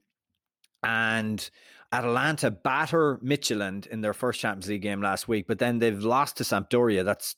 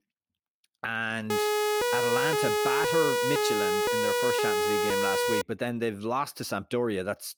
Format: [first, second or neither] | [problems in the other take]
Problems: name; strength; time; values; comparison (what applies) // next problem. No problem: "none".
first | siren; loud; from 1.5 to 5.5 s; peak 6 dB above the speech